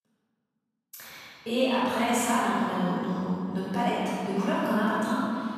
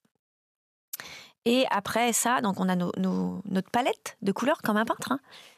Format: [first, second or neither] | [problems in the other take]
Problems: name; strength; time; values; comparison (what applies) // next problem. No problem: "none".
second | room echo; strong; dies away in 2.6 s // off-mic speech; far